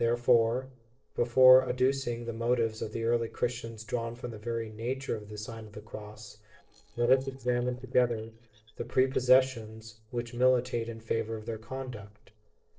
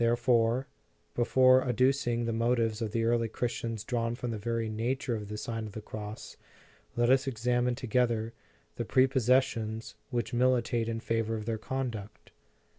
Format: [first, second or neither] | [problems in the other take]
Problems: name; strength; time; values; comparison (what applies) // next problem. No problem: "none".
second | noise reduction (neural separator model SepFormer DNS4)